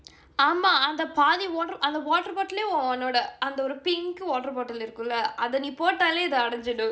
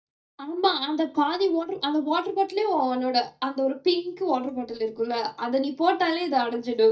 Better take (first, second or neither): first